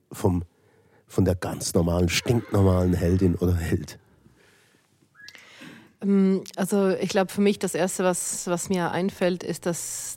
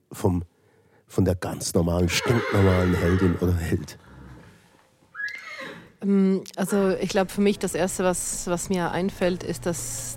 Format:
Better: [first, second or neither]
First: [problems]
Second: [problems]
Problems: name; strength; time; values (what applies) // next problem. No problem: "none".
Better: first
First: animal sounds; faint; from 2 s on; 25 dB below the speech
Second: animal sounds; loud; from 2 s on; 9 dB below the speech